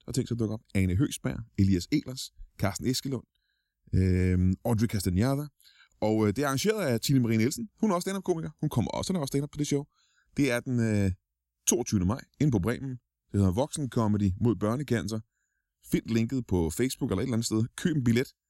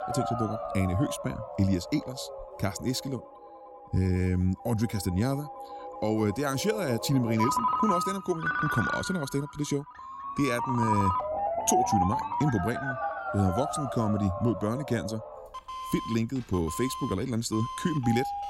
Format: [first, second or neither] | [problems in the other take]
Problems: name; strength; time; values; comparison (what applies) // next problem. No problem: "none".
first | alarms or sirens; loud; throughout; 3 dB below the speech